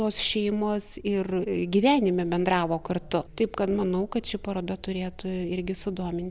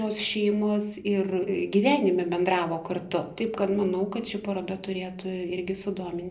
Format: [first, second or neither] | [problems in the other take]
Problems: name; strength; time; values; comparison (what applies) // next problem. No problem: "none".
first | room echo; dies away in 0.5 s